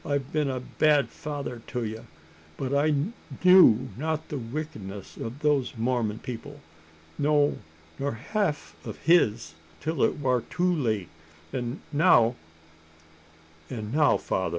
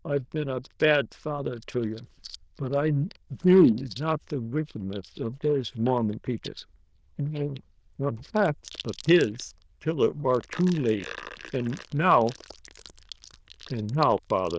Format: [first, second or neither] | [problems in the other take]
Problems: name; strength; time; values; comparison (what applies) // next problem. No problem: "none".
first | noise reduction (neural diffusion model UNIVERSE++)